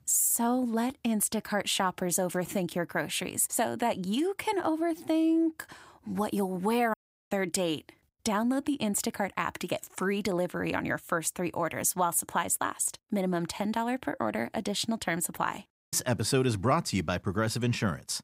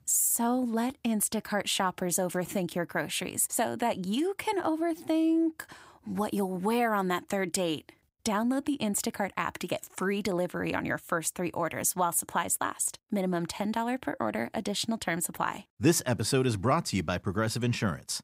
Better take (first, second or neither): second